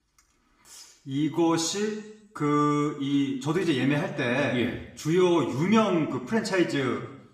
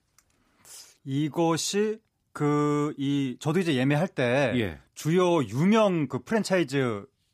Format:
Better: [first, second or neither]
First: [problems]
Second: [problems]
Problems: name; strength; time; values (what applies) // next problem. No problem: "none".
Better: second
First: room echo; slight; dies away in 0.8 s // off-mic speech; somewhat distant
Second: none